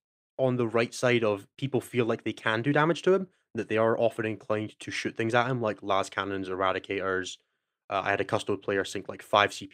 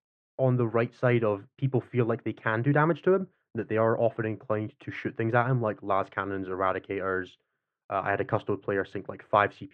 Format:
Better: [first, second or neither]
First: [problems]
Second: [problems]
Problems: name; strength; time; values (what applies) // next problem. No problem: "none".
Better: first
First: none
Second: muffled; very; fading above 1.5 kHz